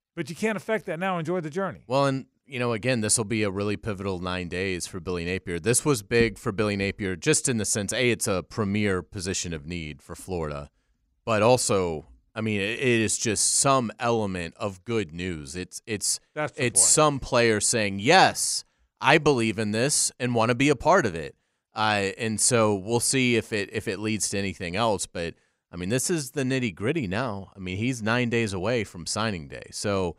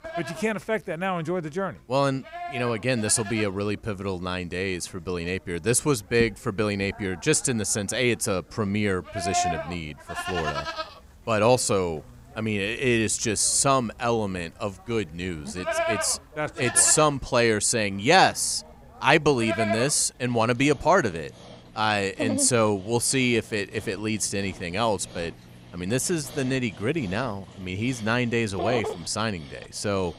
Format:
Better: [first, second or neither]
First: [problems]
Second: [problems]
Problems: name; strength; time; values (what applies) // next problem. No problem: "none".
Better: first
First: none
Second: animal sounds; loud; throughout; 10 dB below the speech